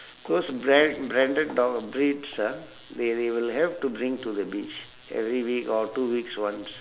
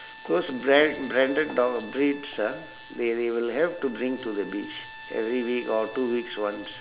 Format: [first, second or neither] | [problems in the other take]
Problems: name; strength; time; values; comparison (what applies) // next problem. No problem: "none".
first | background sound (Trumpet); 18 dB below the speech